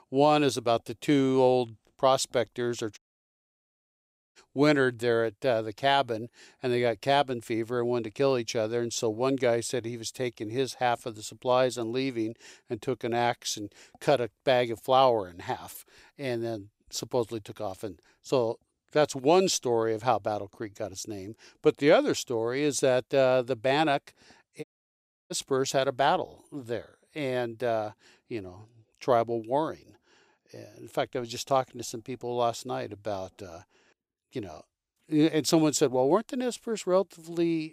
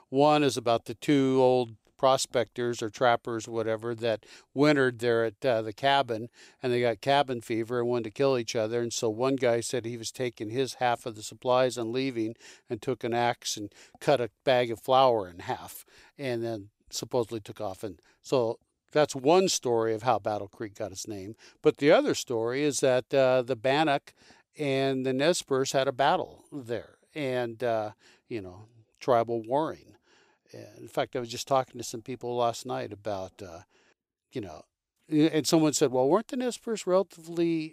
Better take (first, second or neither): second